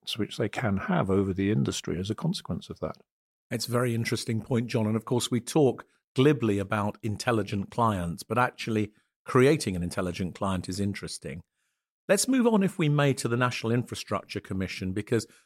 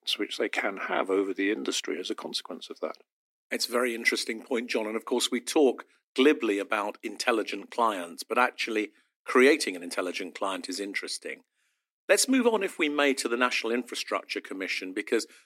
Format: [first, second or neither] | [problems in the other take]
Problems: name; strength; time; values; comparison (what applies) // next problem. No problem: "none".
first | thin; very slightly; fading below 250 Hz